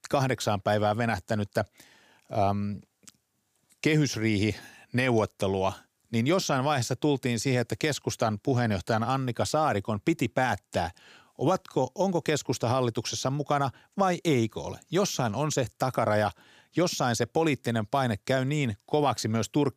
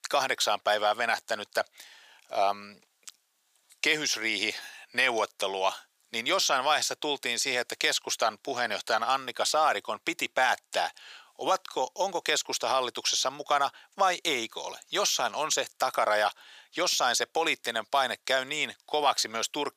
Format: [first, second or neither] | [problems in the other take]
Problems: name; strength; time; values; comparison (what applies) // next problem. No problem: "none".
first | thin; very; fading below 750 Hz